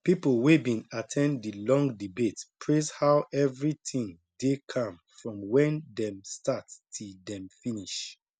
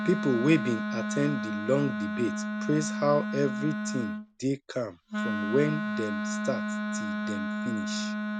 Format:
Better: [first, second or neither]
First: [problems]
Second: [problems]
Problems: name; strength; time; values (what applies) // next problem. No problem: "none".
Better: first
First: none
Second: background sound (Wind instrument, woodwind instrument); 2 dB below the speech